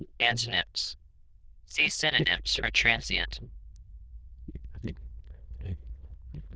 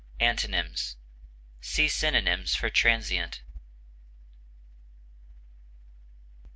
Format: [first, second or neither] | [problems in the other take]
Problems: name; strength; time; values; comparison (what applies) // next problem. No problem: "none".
second | noise reduction (neural diffusion model UNIVERSE++)